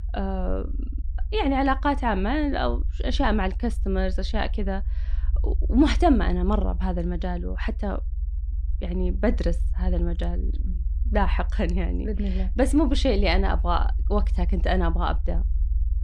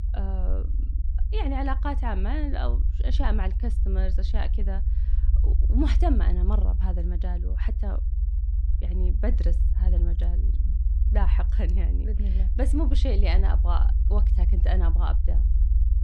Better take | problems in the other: first | low rumble; loud; throughout; 10 dB below the speech; faint in the first

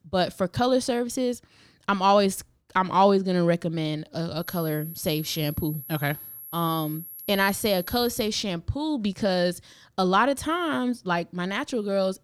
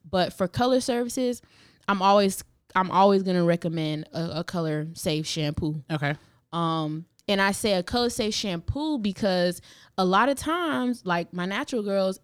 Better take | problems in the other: second | high-pitched whine; noticeable; from 4.5 to 8 s; 11.5 kHz, 15 dB below the speech

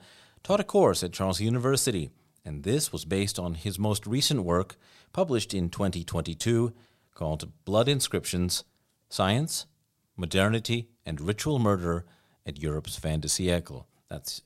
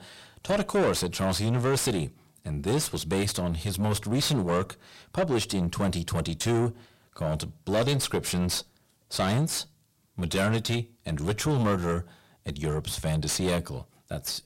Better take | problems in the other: first | distortion; heavy; 5 dB below the speech

